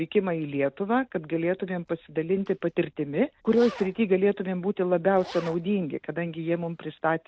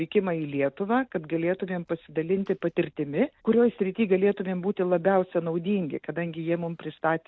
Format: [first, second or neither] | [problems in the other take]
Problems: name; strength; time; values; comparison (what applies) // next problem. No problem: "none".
second | background sound (Zipper (clothing)); 17 dB below the speech